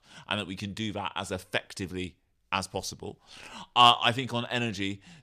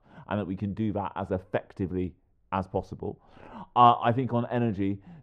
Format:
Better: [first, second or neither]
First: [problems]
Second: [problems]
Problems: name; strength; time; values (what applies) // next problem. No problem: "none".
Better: first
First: none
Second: muffled; very; fading above 2.5 kHz